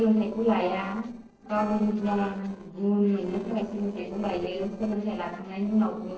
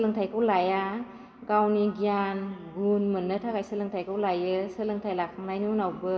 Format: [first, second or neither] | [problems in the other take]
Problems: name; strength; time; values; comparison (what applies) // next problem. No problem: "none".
second | noise reduction (neural separator model SepFormer DNS4)